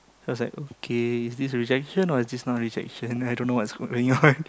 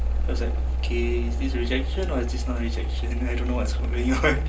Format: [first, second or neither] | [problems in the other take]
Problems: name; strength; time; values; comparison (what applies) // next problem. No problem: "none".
first | background sound (Mechanical fan); 5 dB above the speech // room echo; dies away in 0.3 s